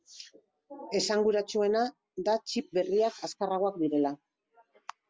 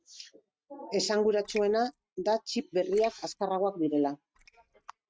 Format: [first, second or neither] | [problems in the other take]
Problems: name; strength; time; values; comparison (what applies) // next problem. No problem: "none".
first | noise reduction (neural mask model RNNoise)